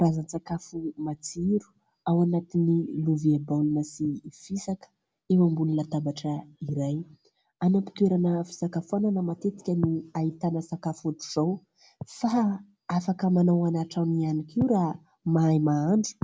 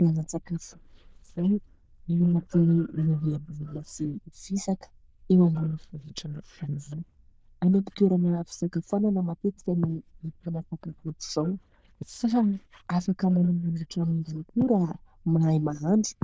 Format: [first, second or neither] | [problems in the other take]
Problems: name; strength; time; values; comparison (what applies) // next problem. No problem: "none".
first | noise reduction (neural diffusion model UNIVERSE++)